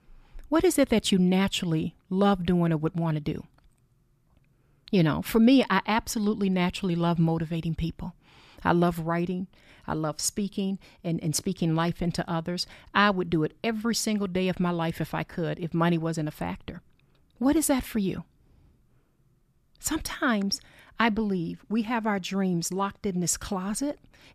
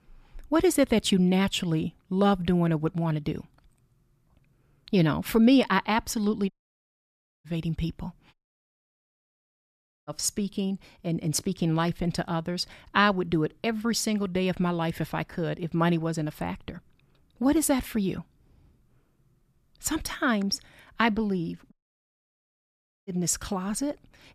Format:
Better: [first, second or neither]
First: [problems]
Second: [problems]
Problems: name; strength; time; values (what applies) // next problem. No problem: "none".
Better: first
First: none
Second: audio cutting out; at 6.5 s for 1 s, at 8.5 s for 1.5 s and at 22 s for 1.5 s